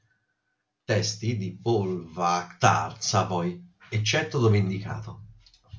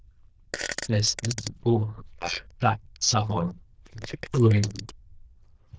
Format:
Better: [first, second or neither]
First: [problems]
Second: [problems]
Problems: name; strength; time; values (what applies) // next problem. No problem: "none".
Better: first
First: none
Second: noise reduction (neural diffusion model UNIVERSE++)